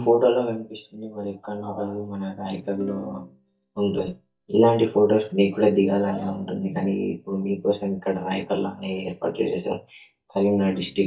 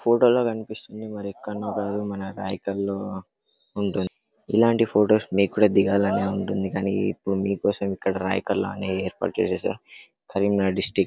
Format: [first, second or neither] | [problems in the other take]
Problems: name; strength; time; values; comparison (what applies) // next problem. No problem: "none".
second | noise reduction (neural mask model DeepFilterNet 3)